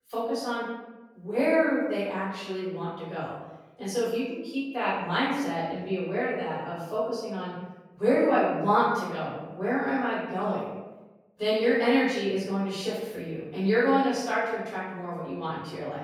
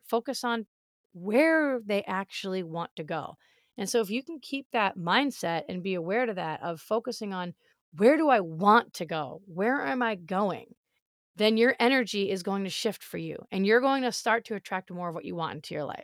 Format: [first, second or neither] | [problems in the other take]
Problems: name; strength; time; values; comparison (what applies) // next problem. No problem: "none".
second | off-mic speech; far // room echo; noticeable; dies away in 1 s